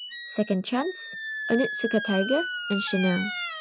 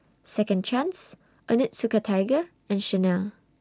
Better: second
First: noise reduction (classical method Wiener filter)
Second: none

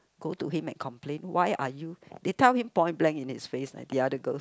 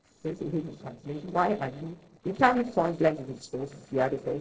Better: first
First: none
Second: noise reduction (neural separator model SepFormer DNS4)

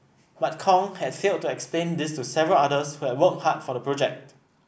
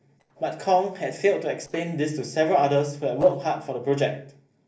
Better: first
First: none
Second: noise reduction (neural separator model SepFormer DNS4)

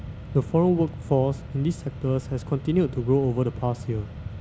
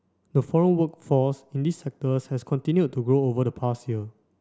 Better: second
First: background sound (Mechanisms); 12 dB below the speech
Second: none

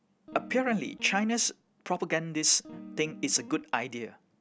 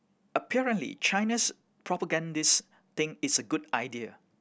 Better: second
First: background sound (Guitar); 15 dB below the speech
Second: none

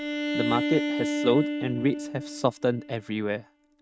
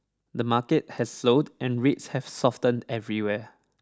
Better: second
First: noise reduction (neural mask model RNNoise)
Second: none

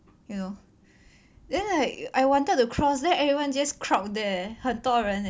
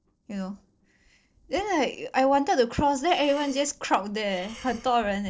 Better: first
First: none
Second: noise reduction (neural separator model SepFormer DNS4)

